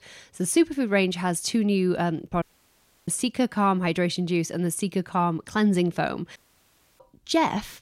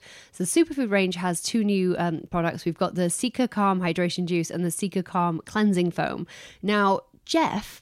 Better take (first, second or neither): second